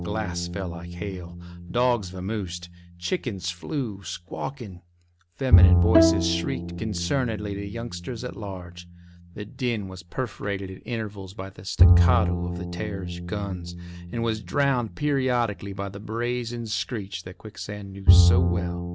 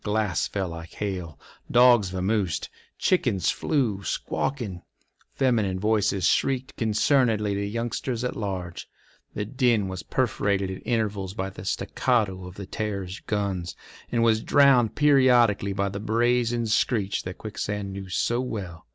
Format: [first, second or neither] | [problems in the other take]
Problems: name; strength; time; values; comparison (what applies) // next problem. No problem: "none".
second | background sound (Bowed string instrument + Bowed string instrument); 3 dB above the speech